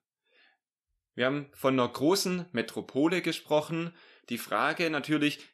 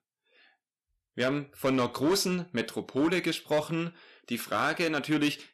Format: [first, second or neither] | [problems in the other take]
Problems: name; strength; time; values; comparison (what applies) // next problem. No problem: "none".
first | distortion; slight; 5% of the sound clipped